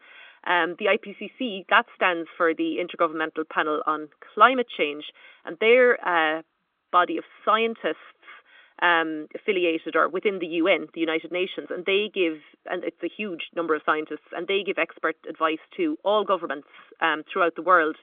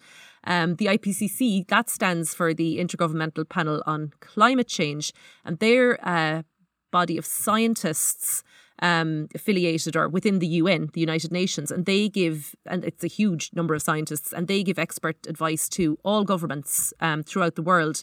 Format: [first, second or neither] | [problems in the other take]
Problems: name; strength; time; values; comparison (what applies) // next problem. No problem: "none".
second | phone-call audio; nothing above 3.5 kHz